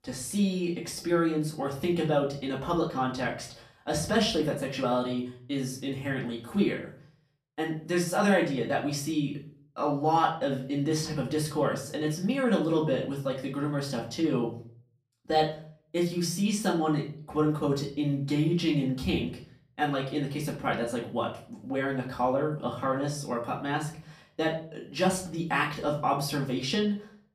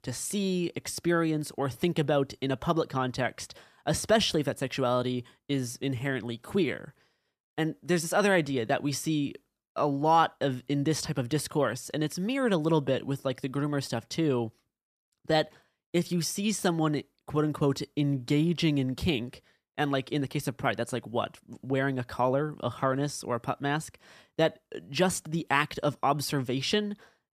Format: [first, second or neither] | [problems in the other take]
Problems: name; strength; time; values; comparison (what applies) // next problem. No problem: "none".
second | off-mic speech; far // room echo; slight; dies away in 0.4 s